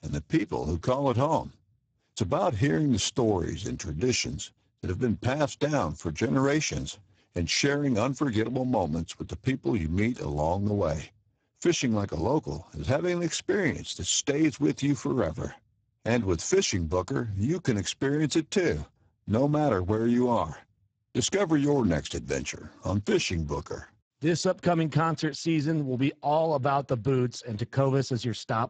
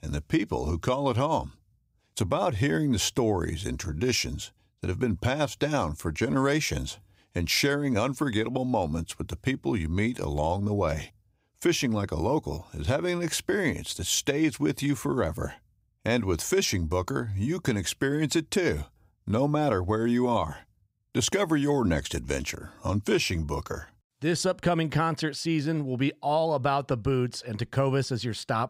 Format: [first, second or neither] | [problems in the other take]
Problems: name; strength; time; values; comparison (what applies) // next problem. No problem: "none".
second | garbled, watery; badly; nothing above 7.5 kHz